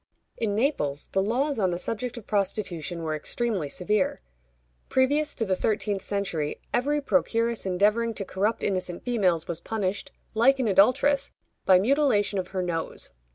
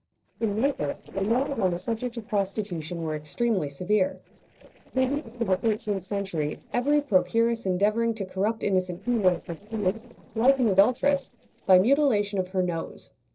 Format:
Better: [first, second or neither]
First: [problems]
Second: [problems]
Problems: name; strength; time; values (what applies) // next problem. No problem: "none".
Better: first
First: none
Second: noise reduction (neural separator model SepFormer DNS4)